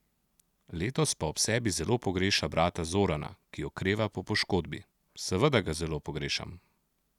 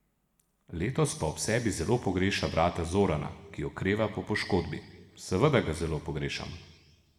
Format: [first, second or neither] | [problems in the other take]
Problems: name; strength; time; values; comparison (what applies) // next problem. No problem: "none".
first | room echo; dies away in 1.2 s